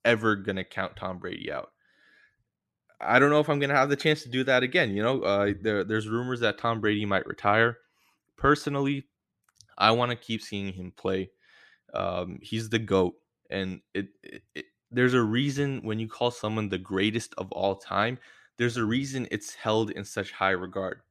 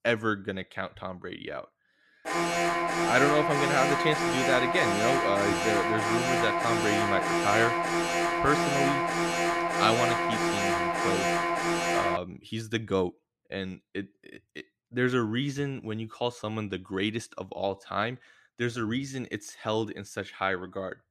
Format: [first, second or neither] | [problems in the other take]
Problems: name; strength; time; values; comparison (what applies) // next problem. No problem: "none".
first | alarm; loud; from 2.5 to 12 s; peak 5 dB above the speech